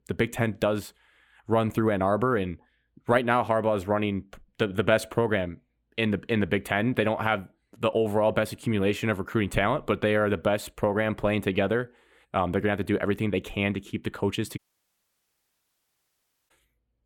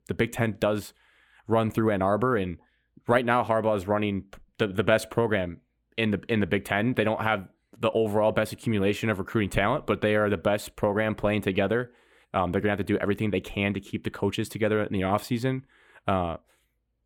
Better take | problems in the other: second | audio cutting out; at 15 s for 2 s

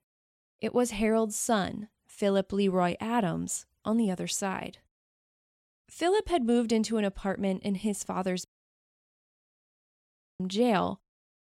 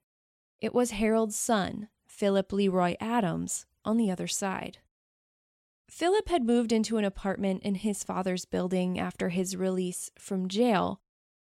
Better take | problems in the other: second | audio cutting out; at 8.5 s for 2 s

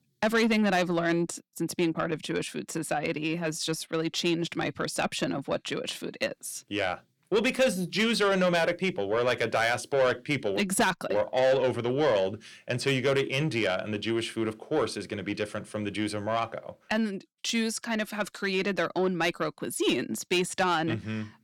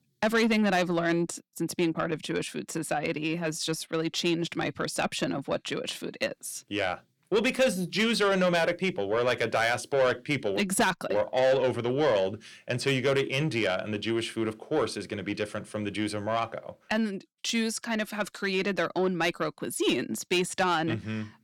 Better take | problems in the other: neither | distortion; slight; 10 dB below the speech; the same in both

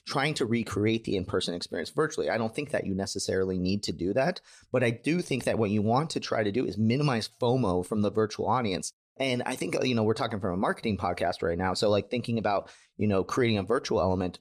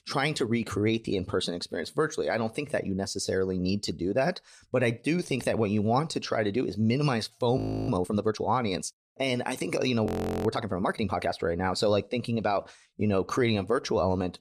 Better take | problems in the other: first | audio freezing; at 7.5 s and at 10 s

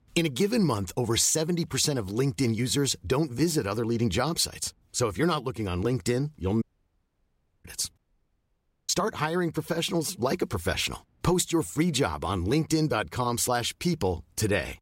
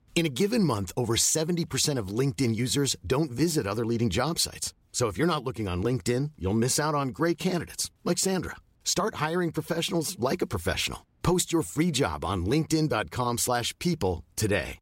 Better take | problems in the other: second | audio cutting out; at 6.5 s for 1 s and at 8 s for 1 s

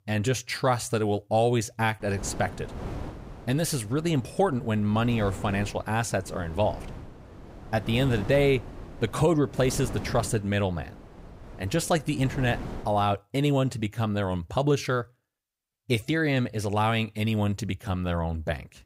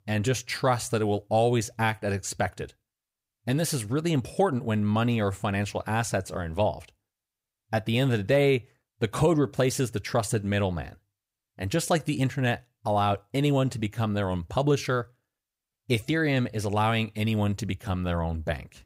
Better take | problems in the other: second | wind noise on the microphone; occasional gusts; from 2 to 13 s; 15 dB below the speech

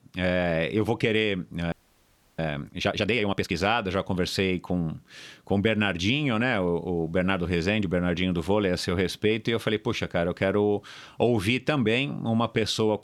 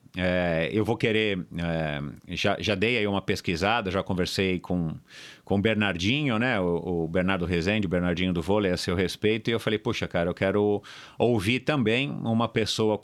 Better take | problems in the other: second | audio freezing; at 1.5 s for 0.5 s

